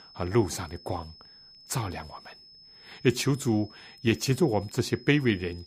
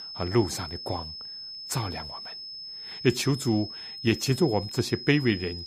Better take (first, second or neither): first